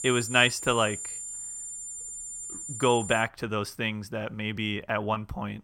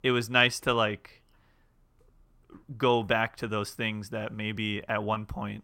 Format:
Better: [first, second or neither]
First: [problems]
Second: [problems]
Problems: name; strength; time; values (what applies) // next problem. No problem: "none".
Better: second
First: high-pitched whine; loud; until 3 s; 7 kHz, 8 dB below the speech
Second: none